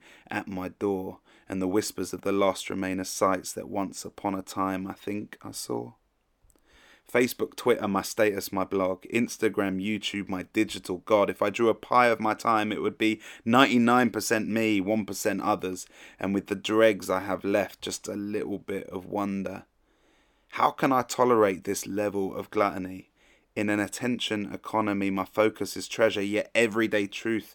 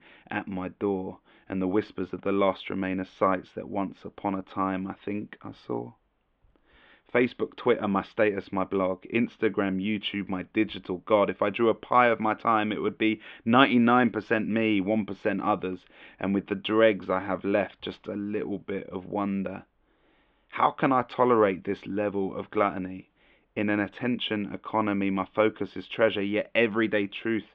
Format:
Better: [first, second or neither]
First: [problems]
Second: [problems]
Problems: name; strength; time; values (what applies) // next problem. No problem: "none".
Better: first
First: none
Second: muffled; very; fading above 3.5 kHz